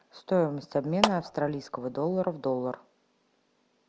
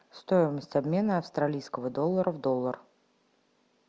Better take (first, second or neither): second